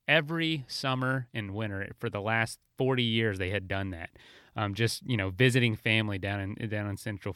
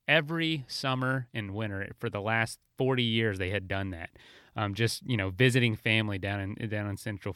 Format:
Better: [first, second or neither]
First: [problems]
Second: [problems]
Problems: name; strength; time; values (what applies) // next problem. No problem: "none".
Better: neither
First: none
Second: none